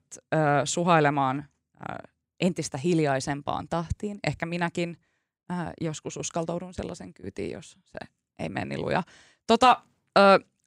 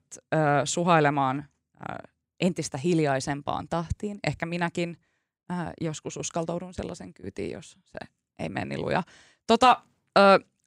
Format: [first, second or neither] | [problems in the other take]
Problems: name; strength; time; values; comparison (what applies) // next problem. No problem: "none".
neither | none